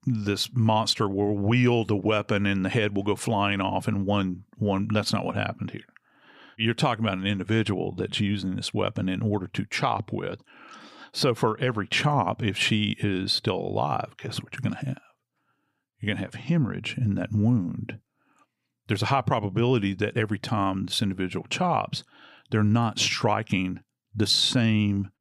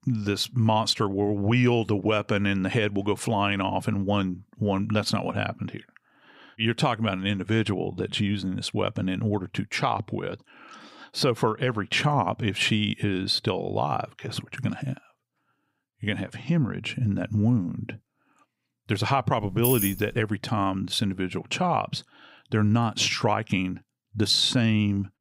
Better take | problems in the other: first | jangling keys; noticeable; at 19 s; peak level with the speech

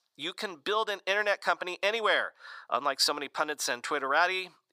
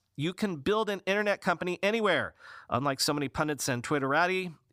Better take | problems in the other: second | thin; very; fading below 550 Hz

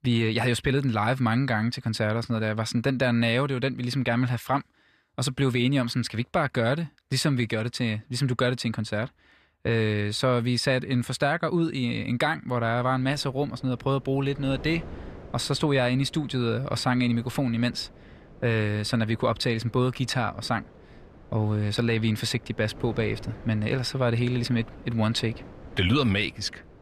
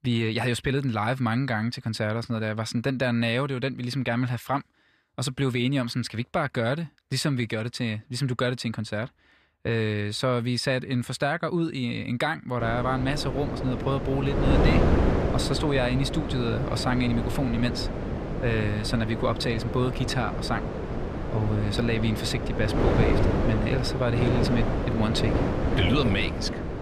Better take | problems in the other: first | wind noise on the microphone; heavy; from 13 s on; 2 dB below the speech; occasional gusts in the first

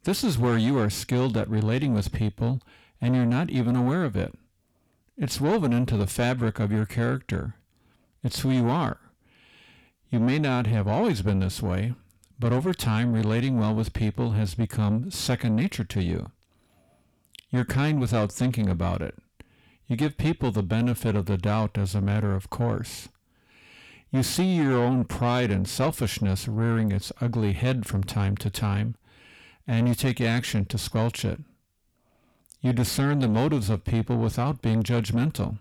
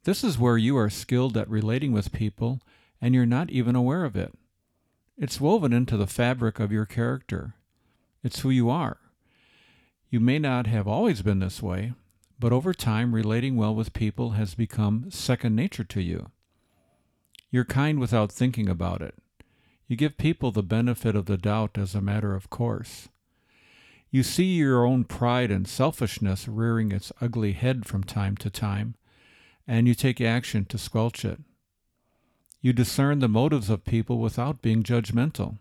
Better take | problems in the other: second | distortion; slight; 10 dB below the speech

